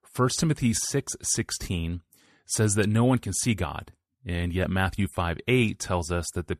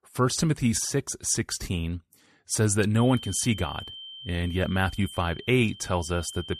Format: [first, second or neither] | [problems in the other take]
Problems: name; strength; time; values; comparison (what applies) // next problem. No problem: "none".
first | high-pitched whine; noticeable; from 3 s on; 3 kHz, 15 dB below the speech